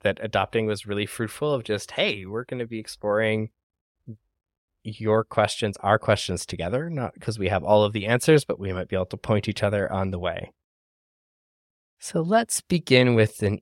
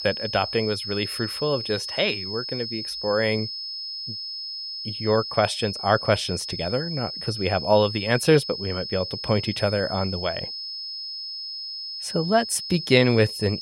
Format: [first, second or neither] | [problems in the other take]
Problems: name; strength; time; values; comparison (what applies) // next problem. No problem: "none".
first | high-pitched whine; loud; throughout; 5 kHz, 6 dB below the speech